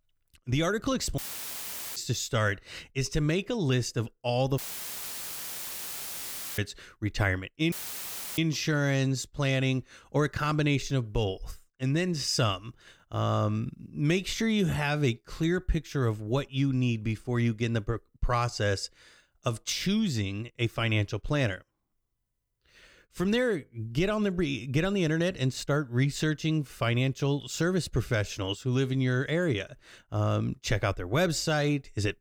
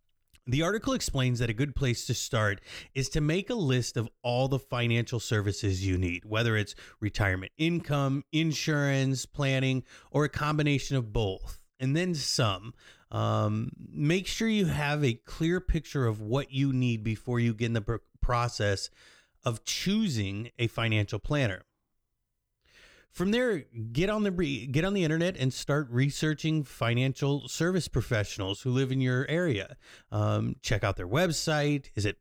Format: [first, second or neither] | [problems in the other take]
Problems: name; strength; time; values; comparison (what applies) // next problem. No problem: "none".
second | audio cutting out; filled with static; at 1 s for 1 s, at 4.5 s for 2 s and at 7.5 s for 0.5 s